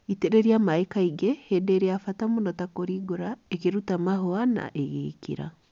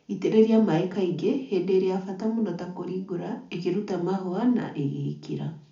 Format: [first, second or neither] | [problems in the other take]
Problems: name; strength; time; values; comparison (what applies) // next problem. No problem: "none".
first | room echo; dies away in 0.4 s